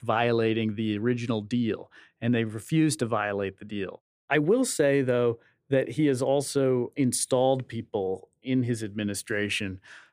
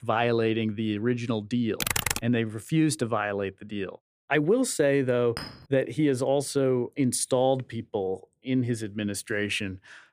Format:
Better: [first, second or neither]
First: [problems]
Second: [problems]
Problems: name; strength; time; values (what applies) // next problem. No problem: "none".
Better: first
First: none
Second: keyboard typing; loud; at 2 s; peak 1 dB above the speech // clattering dishes; faint; at 5.5 s; peak 10 dB below the speech